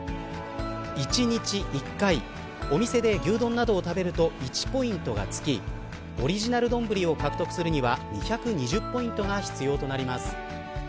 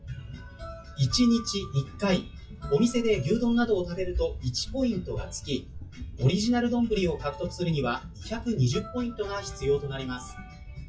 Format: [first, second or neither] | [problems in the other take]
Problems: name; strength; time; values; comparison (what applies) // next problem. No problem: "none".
first | noise reduction (classical method WPE with log-MMSE)